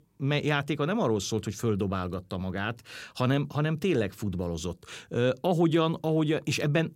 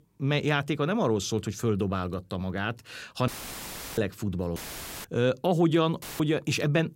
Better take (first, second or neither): first